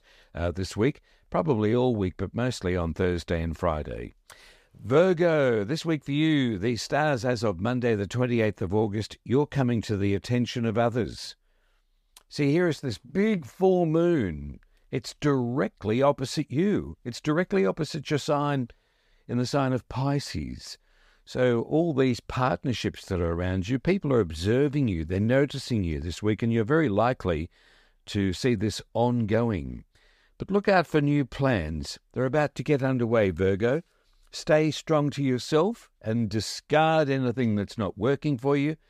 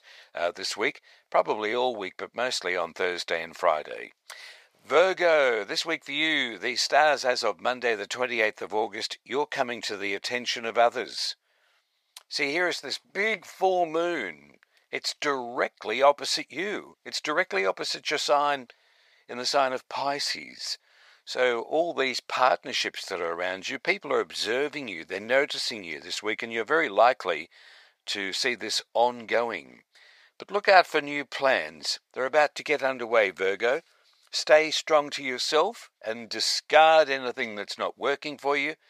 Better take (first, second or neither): first